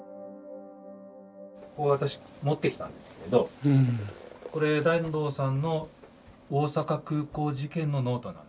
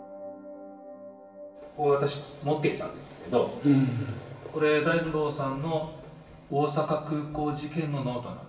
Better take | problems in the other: first | room echo; dies away in 1 s

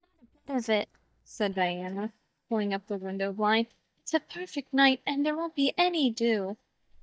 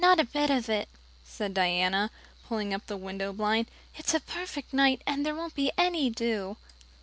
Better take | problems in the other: second | noise reduction (neural mask model DeepFilterNet 3)

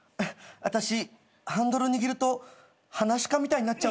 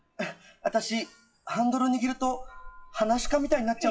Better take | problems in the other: first | noise reduction (classical method WPE with log-MMSE)

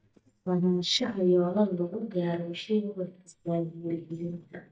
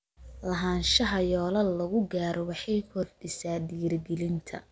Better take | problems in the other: second | noise reduction (neural mask model DeepFilterNet 3)

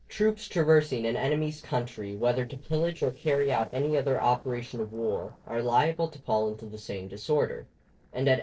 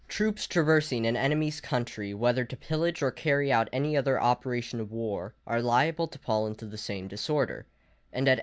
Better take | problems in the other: second | noise reduction (neural separator model SepFormer DNS4)

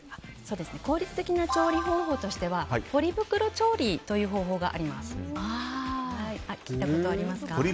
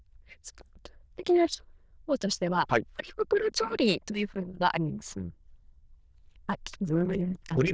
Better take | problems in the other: first | noise reduction (neural diffusion model UNIVERSE++)

